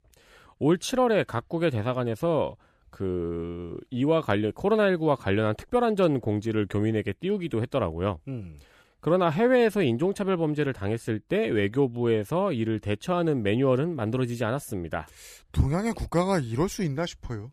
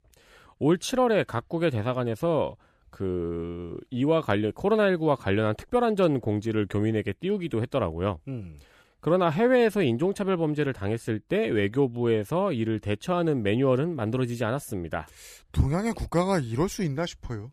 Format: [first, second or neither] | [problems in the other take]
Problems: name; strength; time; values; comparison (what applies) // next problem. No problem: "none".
neither | none